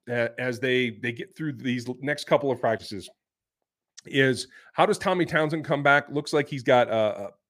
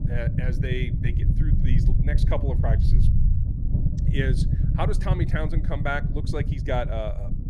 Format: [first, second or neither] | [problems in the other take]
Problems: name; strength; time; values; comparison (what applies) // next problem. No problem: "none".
first | low rumble; loud; throughout; 6 dB below the speech